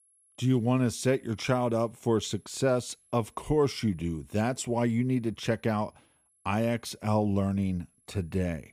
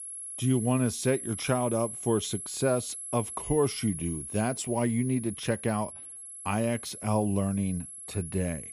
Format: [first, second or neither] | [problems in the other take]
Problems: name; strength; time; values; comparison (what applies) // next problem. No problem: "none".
first | high-pitched whine; loud; throughout; 11 kHz, 8 dB below the speech; faint in the first